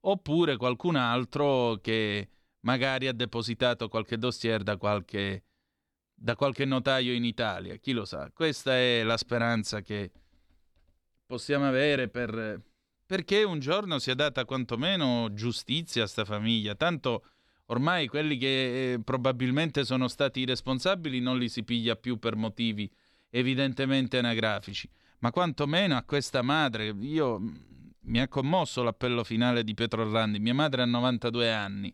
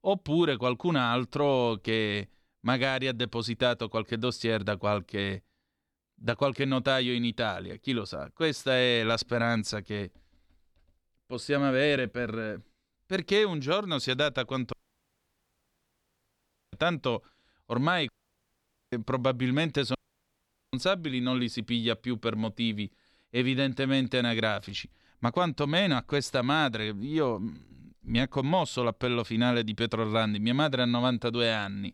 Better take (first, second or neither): first